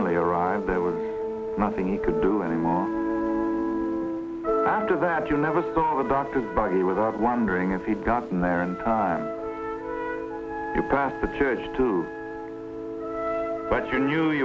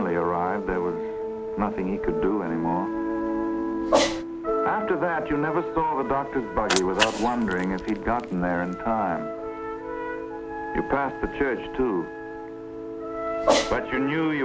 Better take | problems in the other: first | background sound (Cat); 7 dB below the speech

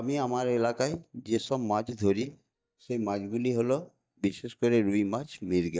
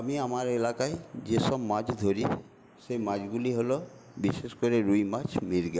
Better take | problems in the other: second | noise reduction (neural mask model DeepFilterNet 3)

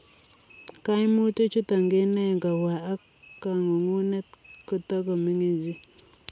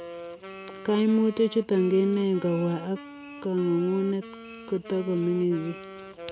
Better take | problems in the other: first | background sound (Wind instrument, woodwind instrument); 16 dB below the speech

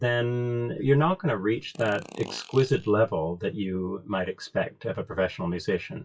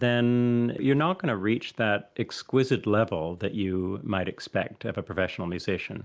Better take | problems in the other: second | noise reduction (classical method WPE with log-MMSE)

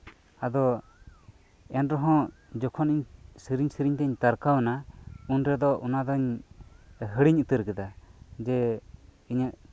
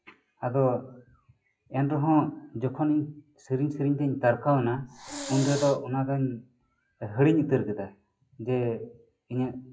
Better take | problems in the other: first | noise reduction (classical method WPE with log-MMSE)

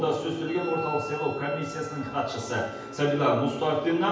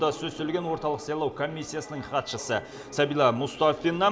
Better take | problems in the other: second | background sound (Wind instrument, woodwind instrument); 14 dB below the speech // room echo; dies away in 0.9 s

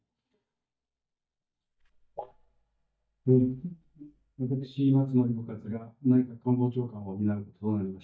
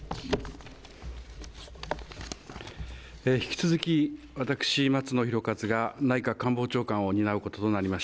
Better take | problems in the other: second | noise reduction (neural mask model DeepFilterNet 3)

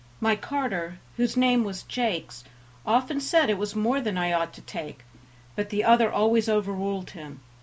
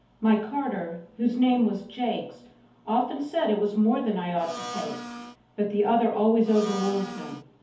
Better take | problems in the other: first | background sound (Domestic sounds, home sounds); 11 dB below the speech // room echo; dies away in 0.6 s

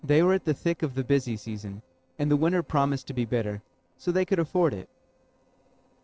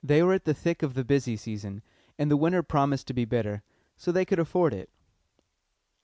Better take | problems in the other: second | noise reduction (neural separator model SepFormer DNS4)

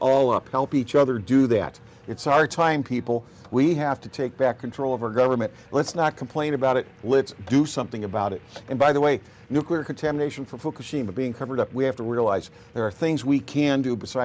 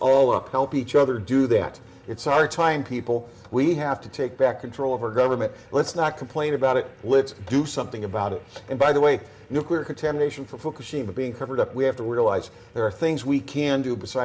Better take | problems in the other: first | room echo; dies away in 0.5 s

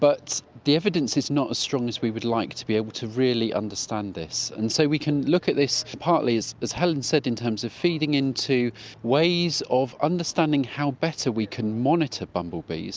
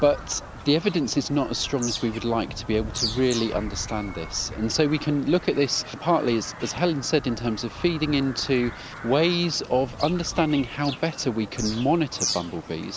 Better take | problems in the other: first | background sound (Bird vocalization, bird call, bird song); 11 dB below the speech

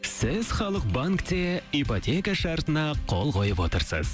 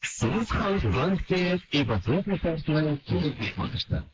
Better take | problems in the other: first | noise reduction (neural mask model Resemble Enhance denoiser)

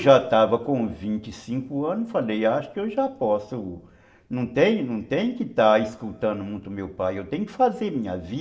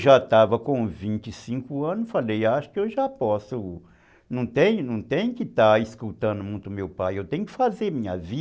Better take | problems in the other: second | room echo; dies away in 0.7 s

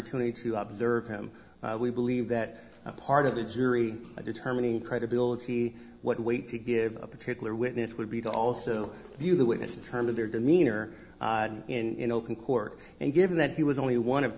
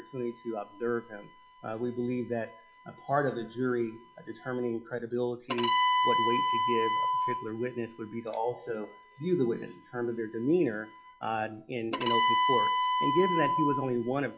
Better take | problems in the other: first | noise reduction (classical method log-MMSE)

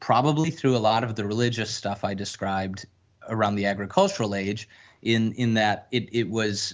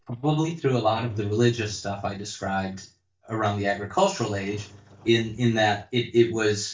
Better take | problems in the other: first | noise reduction (neural mask model DeepFilterNet 3)

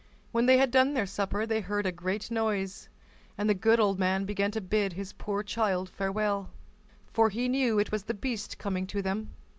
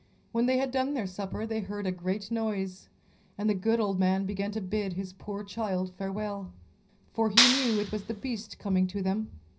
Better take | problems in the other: first | background sound (Clapping); 3 dB above the speech // room echo; dies away in 0.4 s

